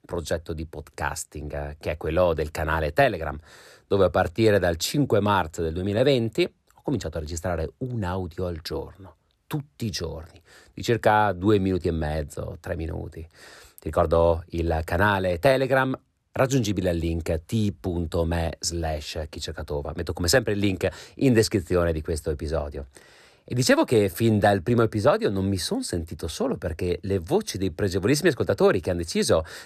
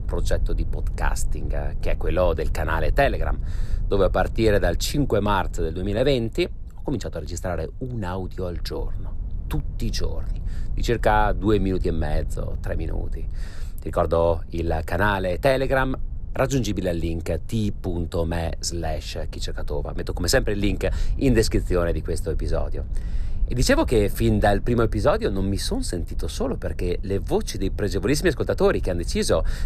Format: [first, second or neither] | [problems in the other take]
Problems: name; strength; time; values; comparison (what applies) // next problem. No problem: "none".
first | low rumble; faint; throughout; 25 dB below the speech